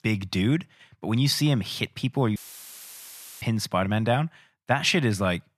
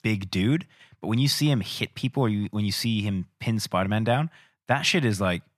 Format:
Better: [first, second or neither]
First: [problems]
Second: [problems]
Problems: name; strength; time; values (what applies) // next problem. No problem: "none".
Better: second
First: audio cutting out; filled with static; at 2.5 s for 1 s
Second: none